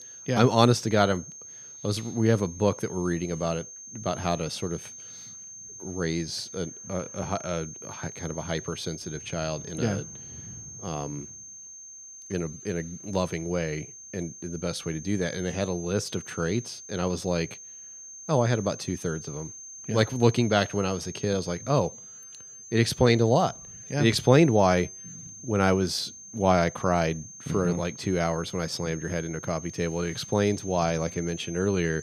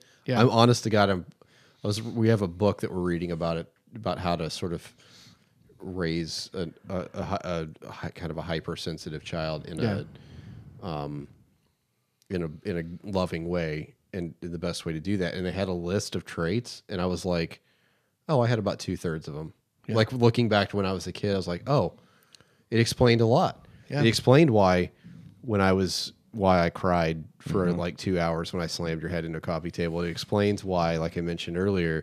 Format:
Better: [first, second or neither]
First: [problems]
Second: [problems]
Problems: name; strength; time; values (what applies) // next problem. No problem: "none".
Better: second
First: high-pitched whine; noticeable; throughout; 6.5 kHz, 15 dB below the speech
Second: none